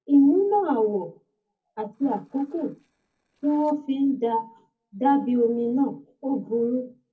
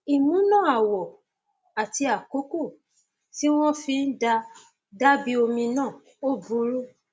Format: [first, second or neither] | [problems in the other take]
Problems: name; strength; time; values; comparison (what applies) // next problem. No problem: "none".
second | noise reduction (neural separator model SepFormer DNS4)